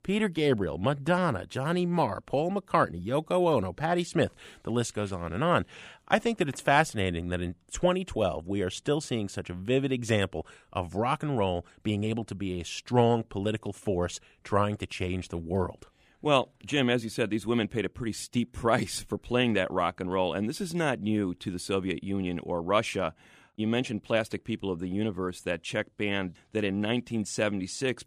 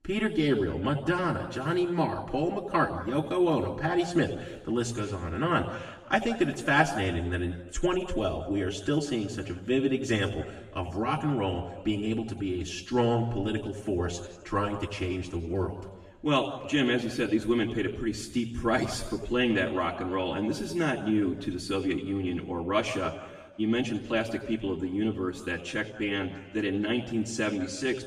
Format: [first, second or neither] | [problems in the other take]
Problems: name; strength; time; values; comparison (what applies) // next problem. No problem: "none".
first | room echo; slight; dies away in 1 s // off-mic speech; far